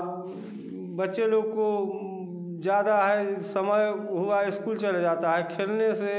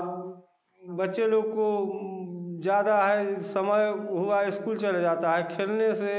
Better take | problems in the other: first | noise reduction (neural mask model Resemble Enhance denoiser)

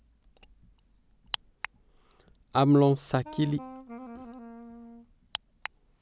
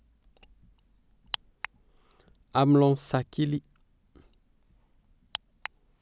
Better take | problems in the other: second | background sound (Wind instrument, woodwind instrument); 14 dB below the speech

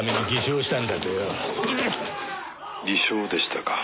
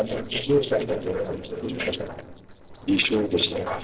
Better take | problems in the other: first | noise reduction (neural separator model SepFormer DNS4)

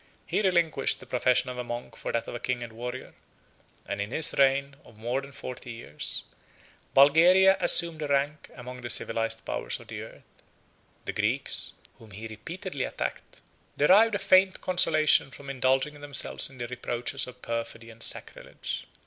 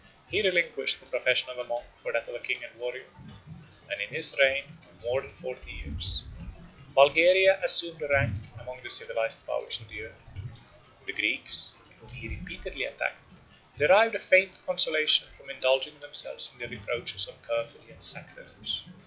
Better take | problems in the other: first | noise reduction (classical method log-MMSE)

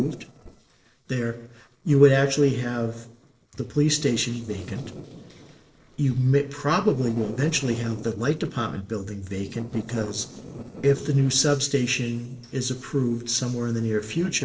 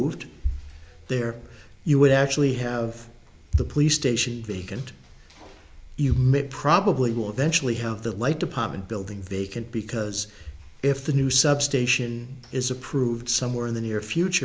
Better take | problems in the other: second | noise reduction (neural separator model SepFormer DNS4)

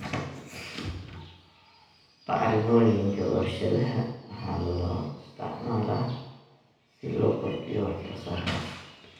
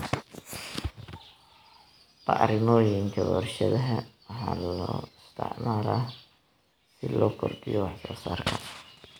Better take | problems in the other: second | room echo; dies away in 0.9 s

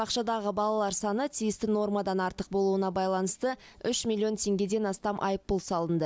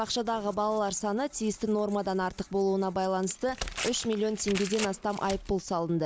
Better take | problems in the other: first | background sound (Tearing); 14 dB below the speech

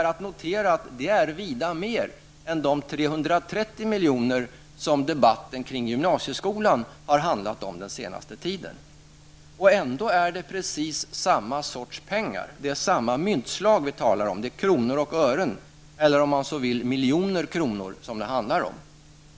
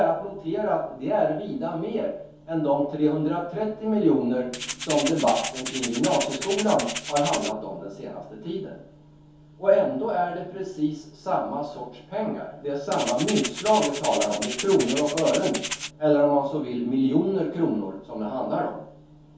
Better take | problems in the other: first | background sound (Rattle (instrument)); 7 dB below the speech // room echo; dies away in 0.6 s

